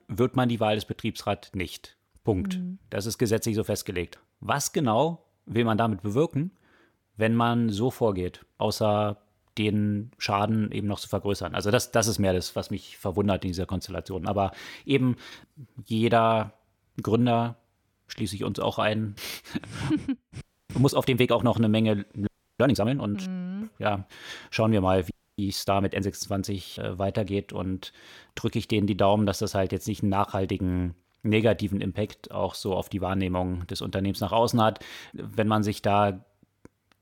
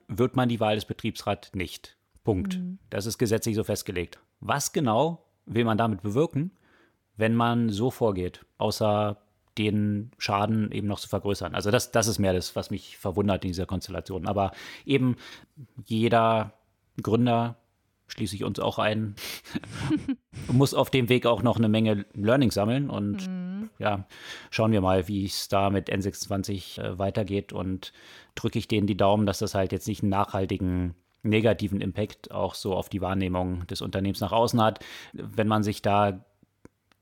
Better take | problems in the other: second | audio freezing; at 20 s, at 22 s and at 25 s

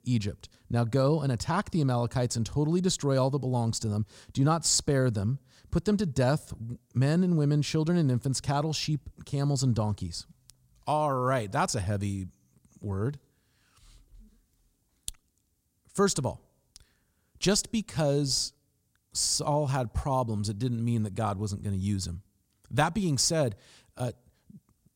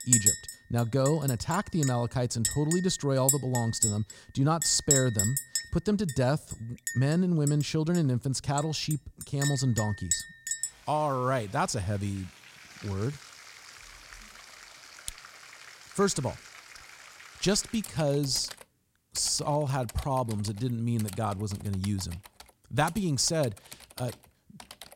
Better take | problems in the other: first | household noises; loud; throughout; 3 dB below the speech

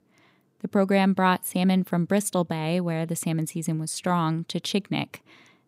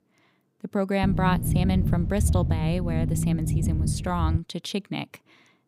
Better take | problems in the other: first | low rumble; loud; from 1 to 4.5 s; 7 dB below the speech

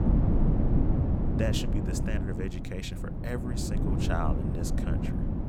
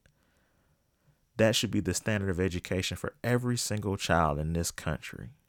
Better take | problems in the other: second | wind noise on the microphone; heavy; as loud as the speech

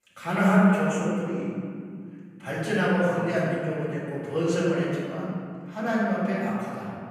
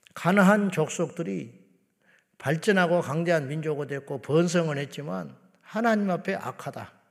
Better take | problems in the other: second | off-mic speech; far // room echo; strong; dies away in 2.2 s

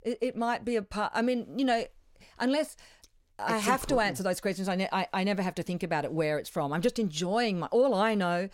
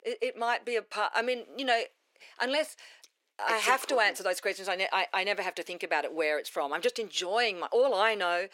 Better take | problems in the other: first | thin; very; fading below 350 Hz

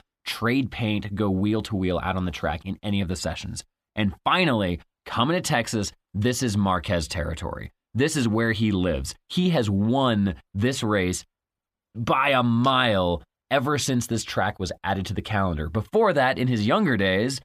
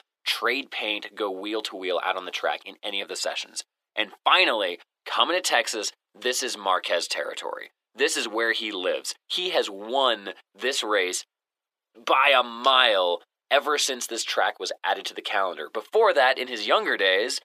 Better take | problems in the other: first | thin; very; fading below 400 Hz

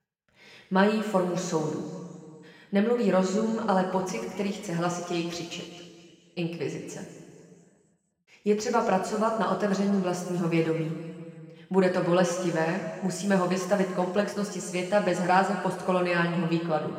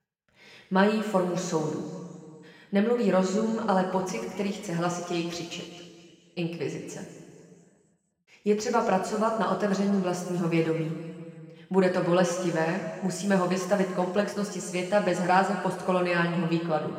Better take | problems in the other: neither | room echo; noticeable; dies away in 2.1 s; the same in both // off-mic speech; far; the same in both

